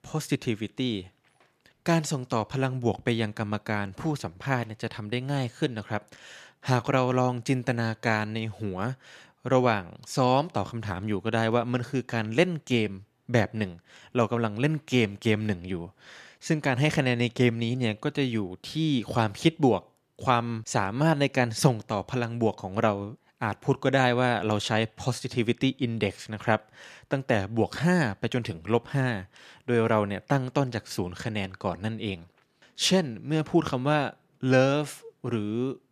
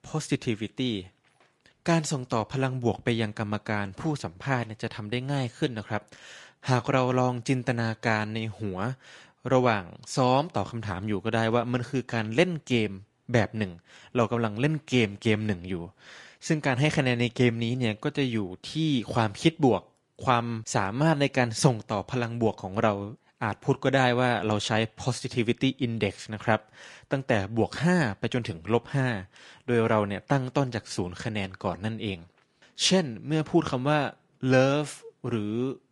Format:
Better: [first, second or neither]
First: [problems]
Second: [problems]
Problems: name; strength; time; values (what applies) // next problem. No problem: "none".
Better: first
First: none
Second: garbled, watery; slightly; nothing above 10.5 kHz